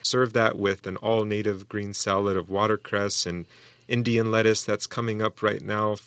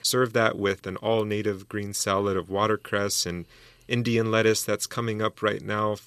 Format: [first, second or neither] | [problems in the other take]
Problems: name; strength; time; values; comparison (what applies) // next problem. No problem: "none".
second | garbled, watery; slightly; nothing above 7.5 kHz